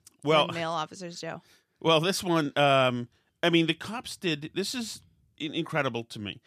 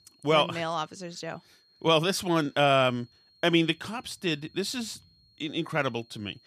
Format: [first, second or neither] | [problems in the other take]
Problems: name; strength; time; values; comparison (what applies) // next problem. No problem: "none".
first | high-pitched whine; faint; throughout; 4.5 kHz, 35 dB below the speech